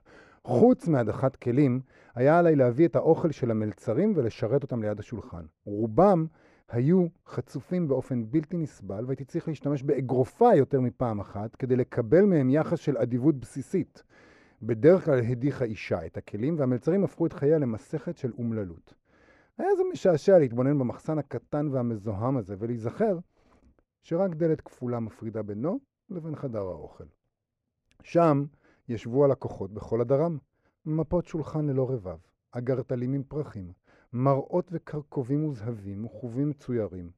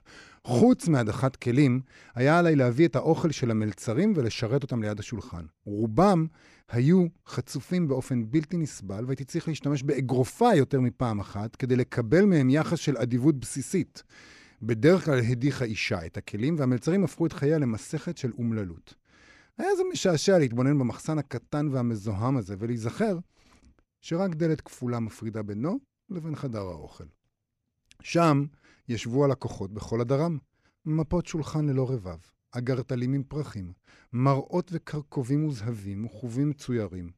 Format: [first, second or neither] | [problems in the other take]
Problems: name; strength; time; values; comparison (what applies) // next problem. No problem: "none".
second | muffled; very; fading above 2.5 kHz